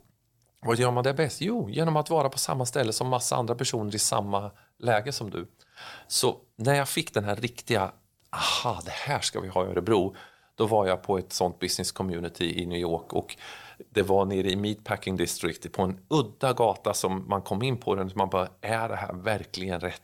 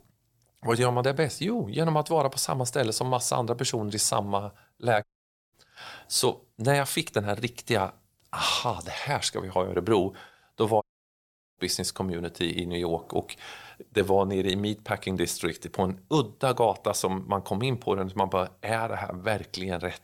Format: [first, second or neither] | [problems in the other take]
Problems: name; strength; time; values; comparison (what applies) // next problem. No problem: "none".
first | audio cutting out; at 5 s and at 11 s for 1 s